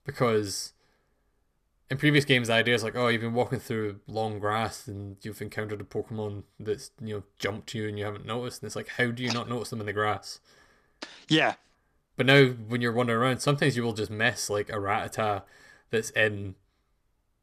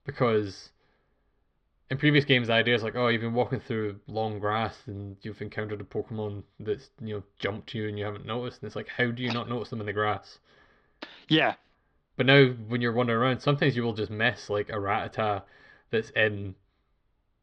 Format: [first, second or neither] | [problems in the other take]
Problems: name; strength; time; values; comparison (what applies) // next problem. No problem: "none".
first | muffled; slightly; fading above 4 kHz